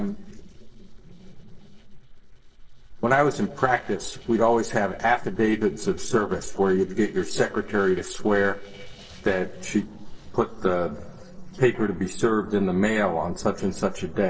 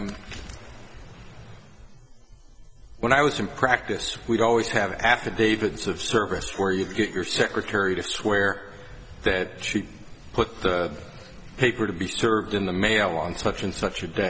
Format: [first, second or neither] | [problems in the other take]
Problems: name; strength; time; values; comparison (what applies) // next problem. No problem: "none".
second | noise reduction (neural separator model SepFormer DNS4)